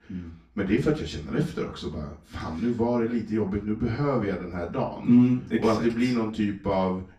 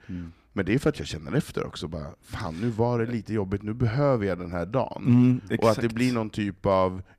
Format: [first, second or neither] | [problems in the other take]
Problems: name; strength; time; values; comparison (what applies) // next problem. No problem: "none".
second | room echo; slight; dies away in 0.3 s // off-mic speech; far